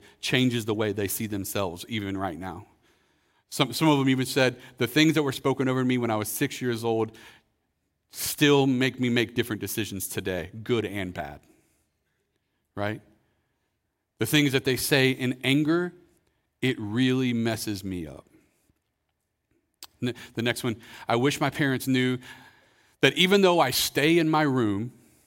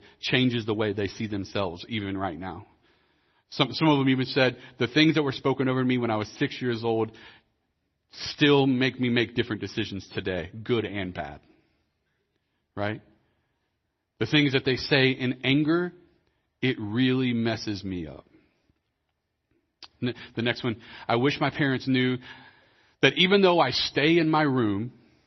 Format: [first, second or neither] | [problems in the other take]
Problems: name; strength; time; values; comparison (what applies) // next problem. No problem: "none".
first | garbled, watery; slightly; nothing above 6 kHz